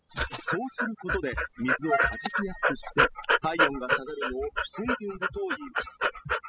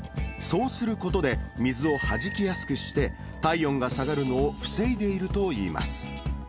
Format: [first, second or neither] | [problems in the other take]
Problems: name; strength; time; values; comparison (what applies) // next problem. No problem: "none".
second | noise reduction (classical method spectral subtraction)